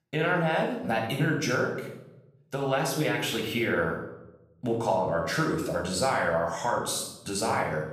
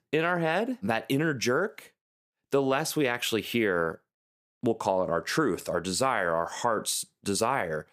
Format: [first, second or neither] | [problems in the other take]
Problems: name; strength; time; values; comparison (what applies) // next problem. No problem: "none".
second | off-mic speech; far // room echo; noticeable; dies away in 0.8 s